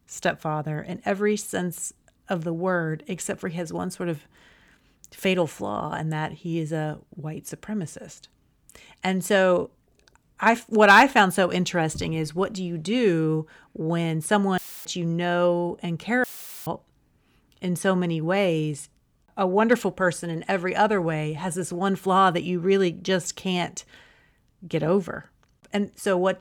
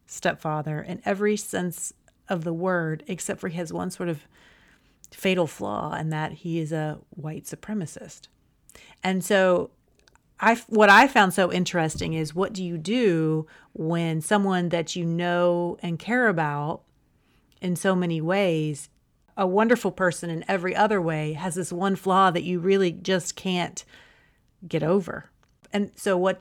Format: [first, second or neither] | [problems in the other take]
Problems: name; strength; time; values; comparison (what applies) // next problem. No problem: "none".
second | audio cutting out; filled with static; at 15 s and at 16 s